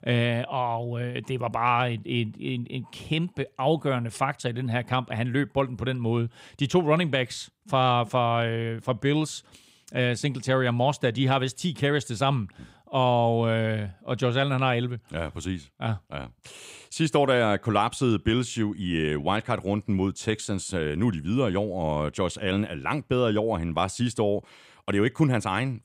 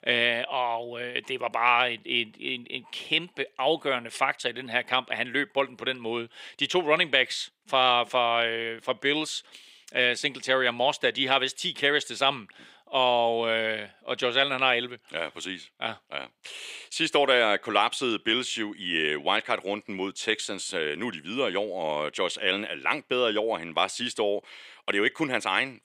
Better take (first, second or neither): first